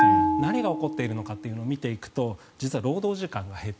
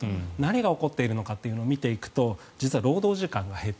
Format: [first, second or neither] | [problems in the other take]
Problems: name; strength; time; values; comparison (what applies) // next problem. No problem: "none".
second | background sound (Bell); 2 dB above the speech